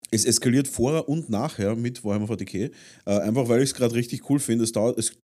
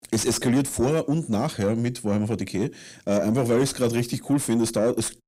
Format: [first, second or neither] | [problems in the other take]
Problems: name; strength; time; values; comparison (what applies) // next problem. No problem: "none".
first | distortion; slight; 10 dB below the speech